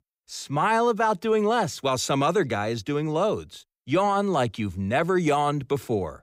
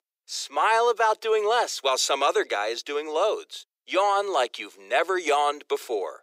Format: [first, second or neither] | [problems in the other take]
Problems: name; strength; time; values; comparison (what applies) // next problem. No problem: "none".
first | thin; very; fading below 400 Hz